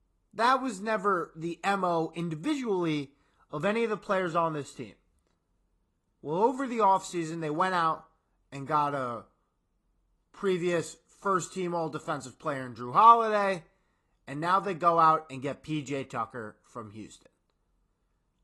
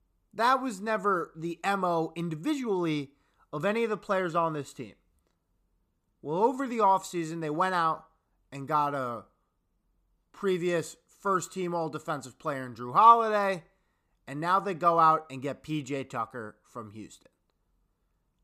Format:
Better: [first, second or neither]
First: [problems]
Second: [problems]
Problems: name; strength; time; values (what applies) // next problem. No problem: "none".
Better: second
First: garbled, watery; slightly; nothing above 11.5 kHz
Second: none